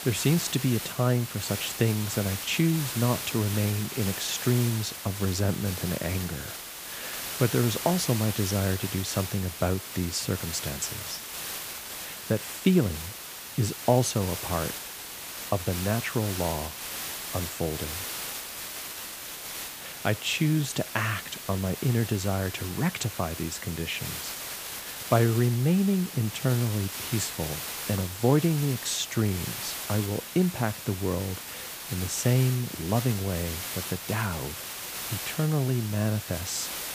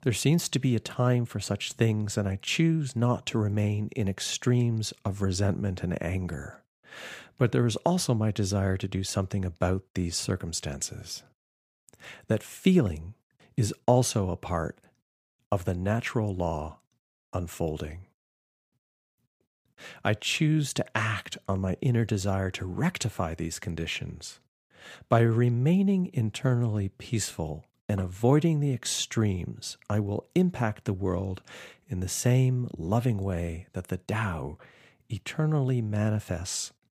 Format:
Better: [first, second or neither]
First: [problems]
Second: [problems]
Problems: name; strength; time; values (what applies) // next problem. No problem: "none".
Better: second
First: hiss; loud; throughout; 6 dB below the speech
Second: none